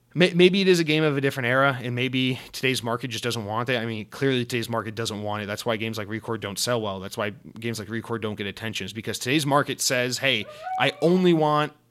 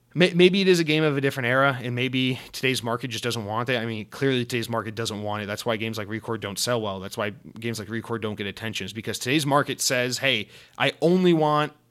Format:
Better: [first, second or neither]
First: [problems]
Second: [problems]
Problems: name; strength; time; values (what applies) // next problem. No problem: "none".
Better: second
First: dog barking; noticeable; at 10 s; peak 8 dB below the speech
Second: none